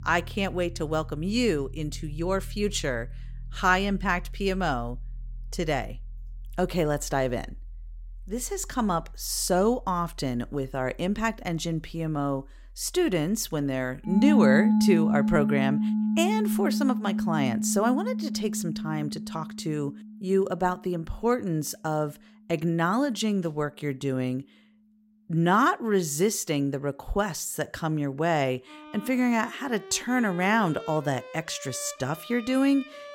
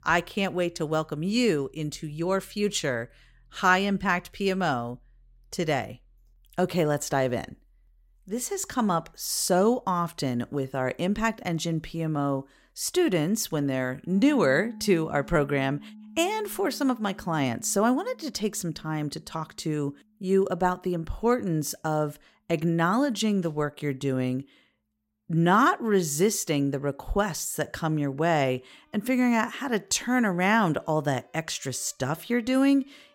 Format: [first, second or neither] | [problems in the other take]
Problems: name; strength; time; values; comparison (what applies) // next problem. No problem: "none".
second | background music; loud; throughout; 3 dB below the speech; faint in the second